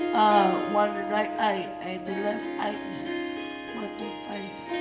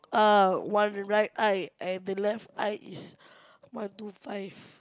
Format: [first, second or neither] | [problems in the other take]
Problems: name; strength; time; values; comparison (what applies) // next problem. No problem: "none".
second | background sound (Harp); 4 dB below the speech // room echo; dies away in 0.9 s